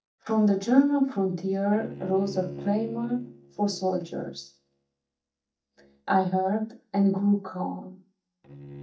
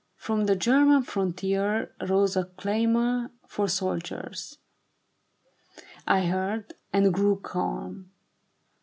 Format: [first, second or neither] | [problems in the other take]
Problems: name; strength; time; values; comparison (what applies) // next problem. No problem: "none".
second | noise reduction (neural mask model DeepFilterNet 3)